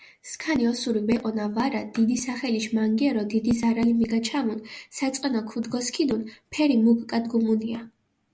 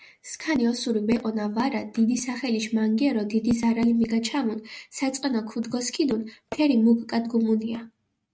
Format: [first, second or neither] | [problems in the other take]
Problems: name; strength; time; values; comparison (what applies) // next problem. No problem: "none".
first | noise reduction (neural mask model RNNoise)